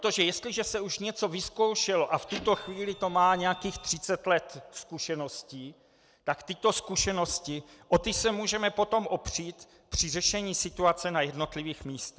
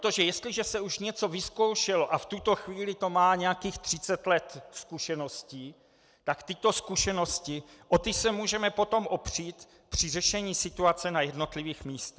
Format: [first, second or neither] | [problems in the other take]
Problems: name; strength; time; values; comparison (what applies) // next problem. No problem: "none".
second | background sound (Printer); 15 dB below the speech